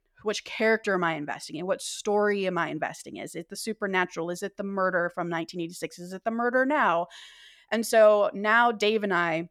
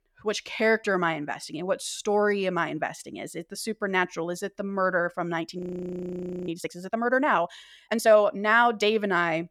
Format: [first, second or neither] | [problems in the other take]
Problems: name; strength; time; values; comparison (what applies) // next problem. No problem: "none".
first | audio freezing; at 5.5 s for 1 s